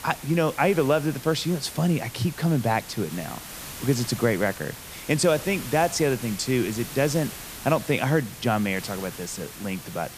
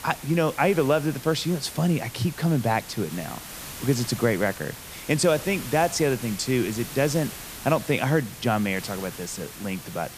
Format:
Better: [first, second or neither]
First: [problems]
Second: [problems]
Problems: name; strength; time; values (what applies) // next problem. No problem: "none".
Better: neither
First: hiss; noticeable; throughout; 10 dB below the speech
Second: hiss; noticeable; throughout; 10 dB below the speech